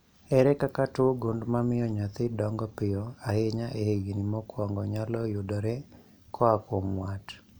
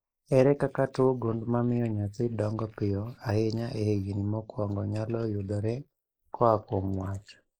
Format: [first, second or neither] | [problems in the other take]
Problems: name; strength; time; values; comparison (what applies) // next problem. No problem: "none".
first | noise reduction (neural mask model Resemble Enhance denoiser)